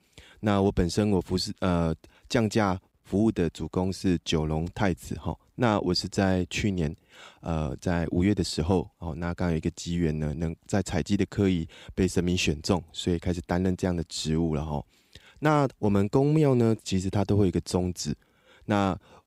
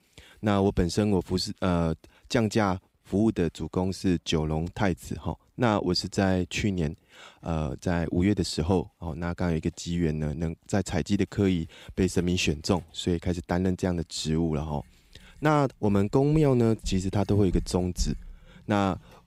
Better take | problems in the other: first | household noises; noticeable; throughout; 15 dB below the speech

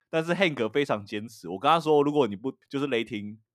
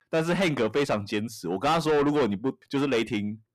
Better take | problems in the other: first | distortion; heavy; 6 dB below the speech

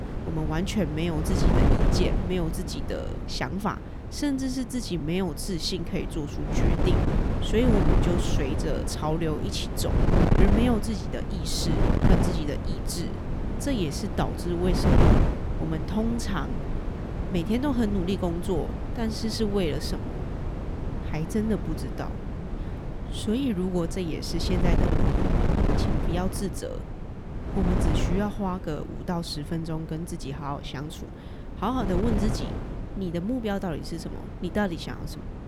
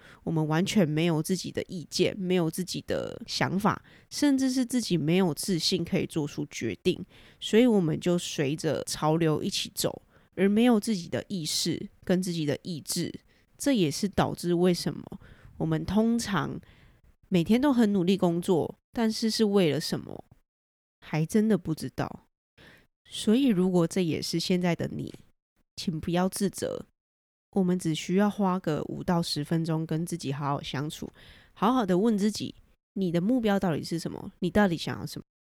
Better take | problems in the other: second | wind noise on the microphone; heavy; 2 dB below the speech

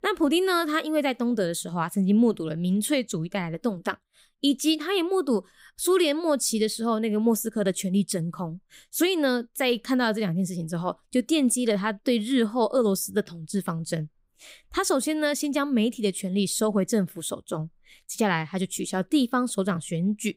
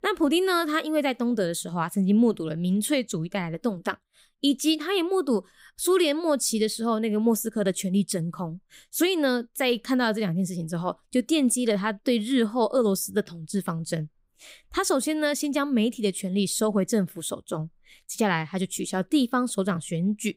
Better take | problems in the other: neither | none

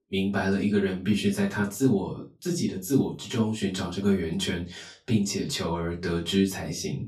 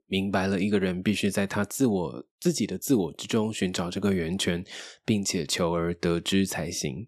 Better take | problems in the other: second | off-mic speech; far // room echo; very slight; dies away in 0.2 s

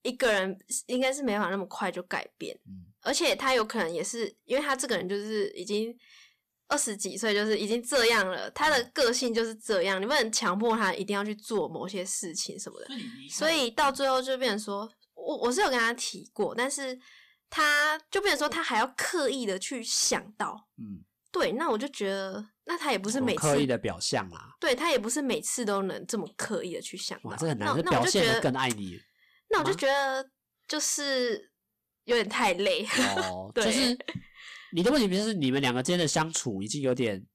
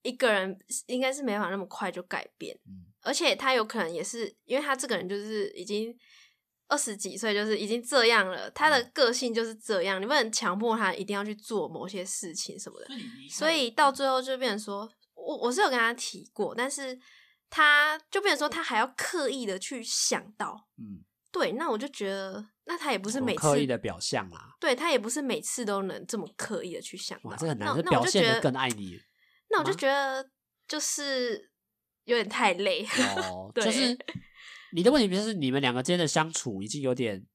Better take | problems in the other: second | distortion; slight; 4% of the sound clipped

